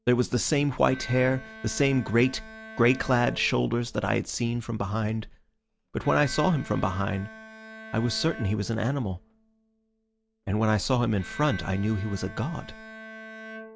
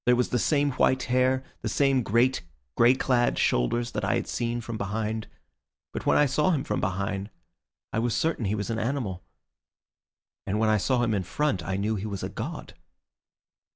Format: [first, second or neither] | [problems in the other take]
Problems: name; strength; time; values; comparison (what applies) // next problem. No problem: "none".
second | background sound (Bowed string instrument); 17 dB below the speech